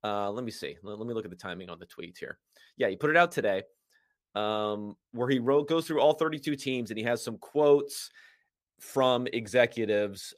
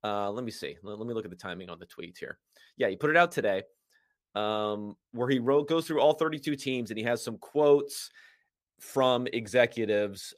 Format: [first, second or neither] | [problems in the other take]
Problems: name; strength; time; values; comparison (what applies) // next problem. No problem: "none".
neither | none